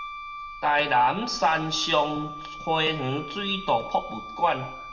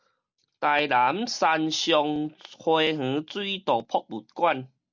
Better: second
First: background sound (Wind instrument, woodwind instrument); 12 dB below the speech // room echo; dies away in 0.7 s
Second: none

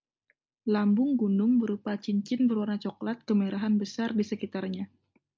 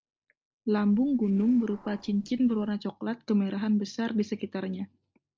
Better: first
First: none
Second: noise reduction (neural separator model SepFormer DNS4)

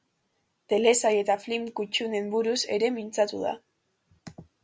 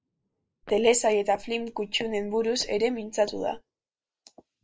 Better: first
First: none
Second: noise reduction (neural mask model Resemble Enhance denoiser)

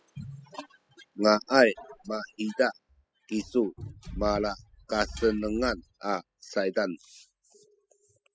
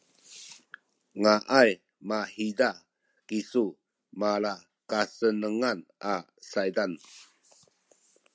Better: second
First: noise reduction (classical method spectral subtraction)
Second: none

